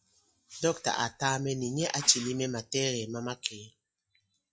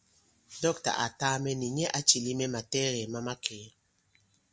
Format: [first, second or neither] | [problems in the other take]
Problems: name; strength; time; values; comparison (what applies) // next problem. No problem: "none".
second | noise reduction (classical method log-MMSE)